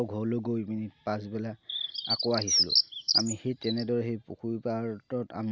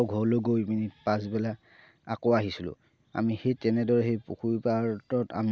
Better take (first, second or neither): second